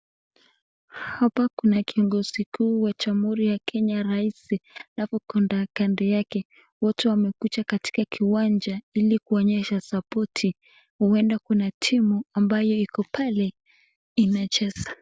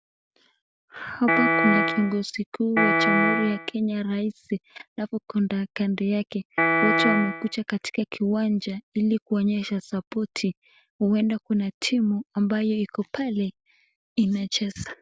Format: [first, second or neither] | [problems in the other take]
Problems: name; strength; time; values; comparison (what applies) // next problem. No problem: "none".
first | background sound (Piano); 3 dB above the speech